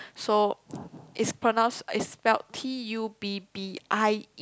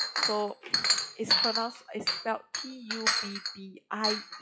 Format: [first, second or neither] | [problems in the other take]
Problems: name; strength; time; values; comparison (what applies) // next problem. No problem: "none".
first | noise reduction (classical method WPE with log-MMSE)